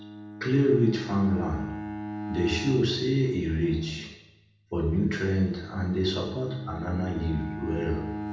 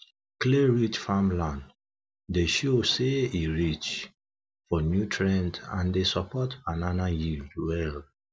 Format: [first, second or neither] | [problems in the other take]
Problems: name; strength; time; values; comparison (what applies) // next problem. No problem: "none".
second | background sound (Bowed string instrument); 11 dB below the speech // room echo; dies away in 0.8 s